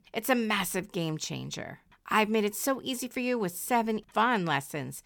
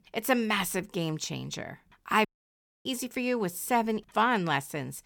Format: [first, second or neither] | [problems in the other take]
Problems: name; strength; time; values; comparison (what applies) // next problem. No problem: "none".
first | audio cutting out; at 2.5 s for 0.5 s